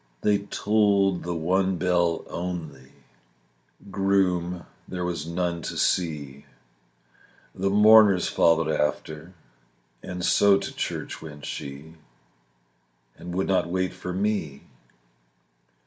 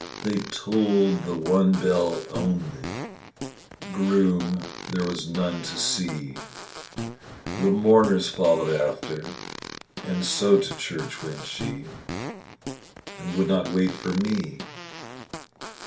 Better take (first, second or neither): first